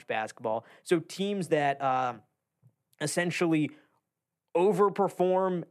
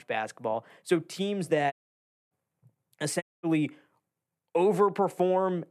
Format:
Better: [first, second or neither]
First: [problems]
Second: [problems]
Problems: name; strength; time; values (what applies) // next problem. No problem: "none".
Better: first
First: none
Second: audio cutting out; at 1.5 s for 0.5 s and at 3 s